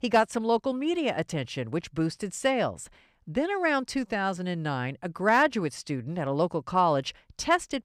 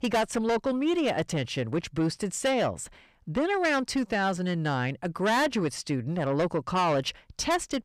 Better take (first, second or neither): first